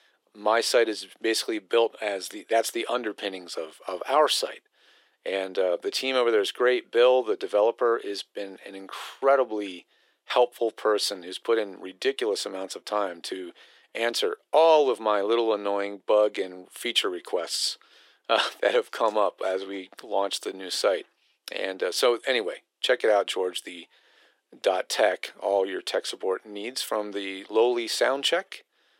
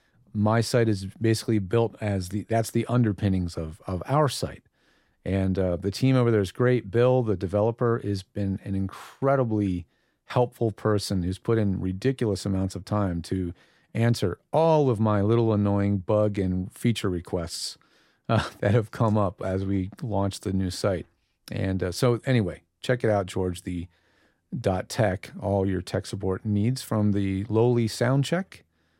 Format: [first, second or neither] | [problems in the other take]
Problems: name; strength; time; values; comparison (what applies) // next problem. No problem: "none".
second | thin; very; fading below 400 Hz